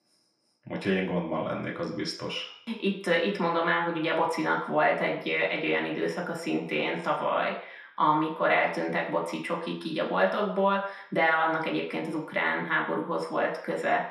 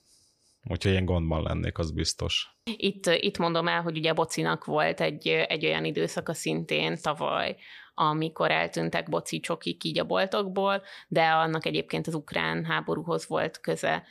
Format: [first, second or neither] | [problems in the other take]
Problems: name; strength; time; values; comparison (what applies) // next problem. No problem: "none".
second | room echo; slight; dies away in 0.6 s // off-mic speech; somewhat distant